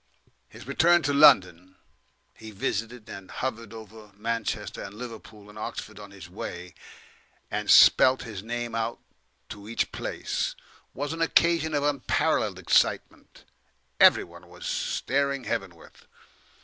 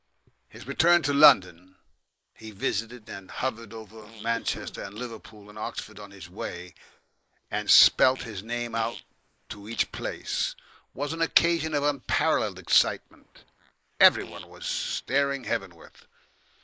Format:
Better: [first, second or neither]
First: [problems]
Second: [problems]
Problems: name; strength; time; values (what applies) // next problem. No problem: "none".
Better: first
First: none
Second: noise reduction (neural mask model Resemble Enhance denoiser)